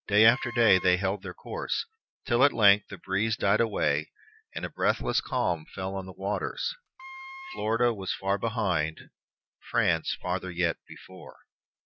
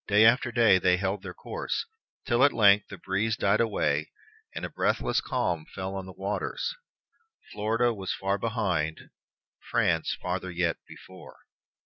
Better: second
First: background sound (Wind instrument, woodwind instrument); 15 dB below the speech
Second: none

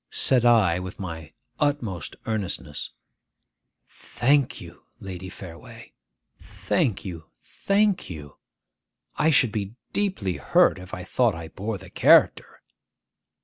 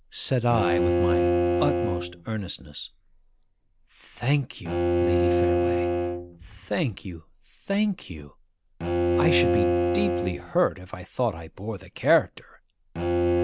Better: first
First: none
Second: background sound (Bowed string instrument); 2 dB above the speech

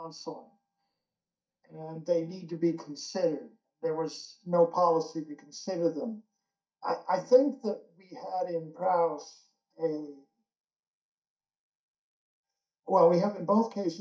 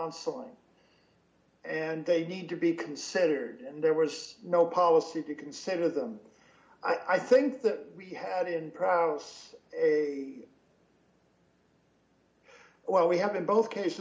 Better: second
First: noise reduction (neural mask model DeepFilterNet 3)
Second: none

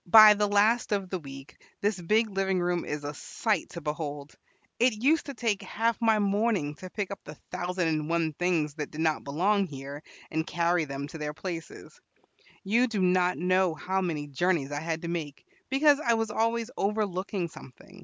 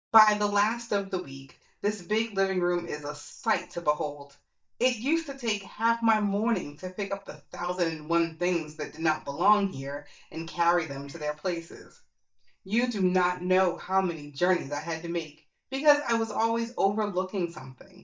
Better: first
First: none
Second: noise reduction (neural mask model DeepFilterNet 3)

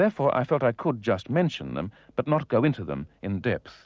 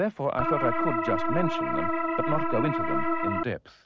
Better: first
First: none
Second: background sound (Organ); 4 dB above the speech

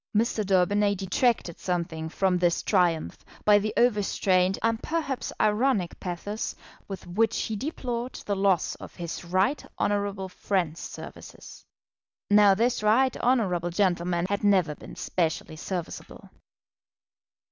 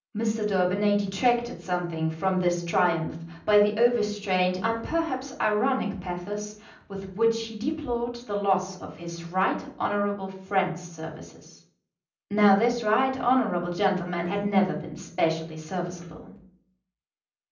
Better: first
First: none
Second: room echo; dies away in 0.6 s

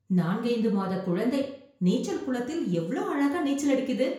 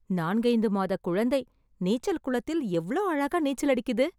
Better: second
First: room echo; dies away in 0.5 s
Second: none

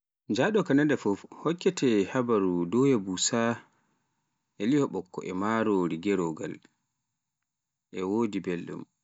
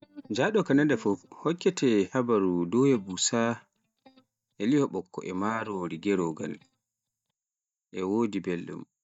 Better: first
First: none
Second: noise reduction (neural mask model DeepFilterNet 3)

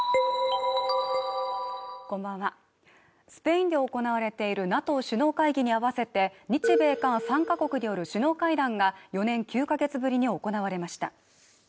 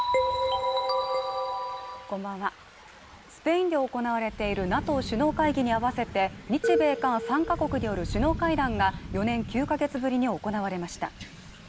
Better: first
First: none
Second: background sound (Thunder / Rain); 12 dB below the speech

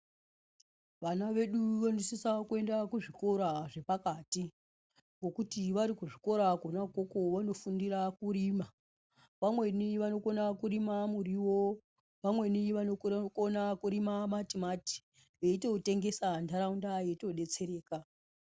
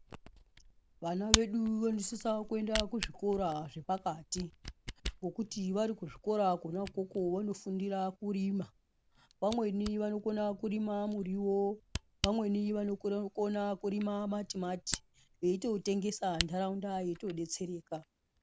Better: first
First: none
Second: background sound (Camera); 9 dB below the speech

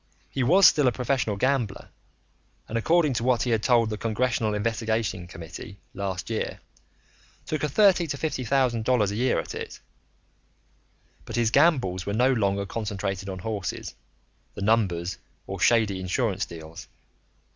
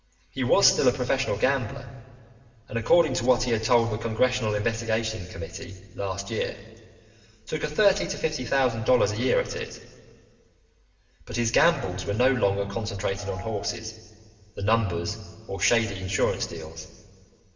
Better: first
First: none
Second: background sound (Piano); 12 dB below the speech // room echo; dies away in 2.6 s

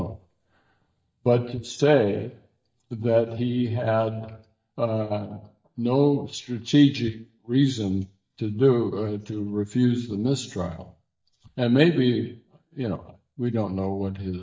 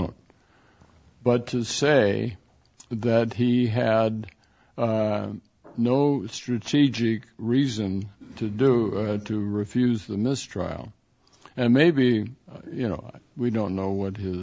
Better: second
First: noise reduction (neural mask model DeepFilterNet 3)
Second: none

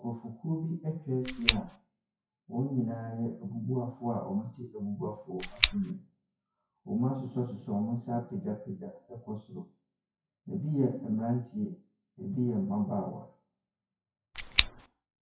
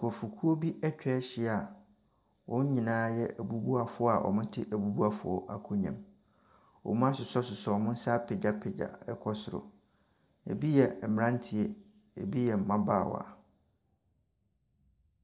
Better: second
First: noise reduction (classical method WPE with log-MMSE)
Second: none

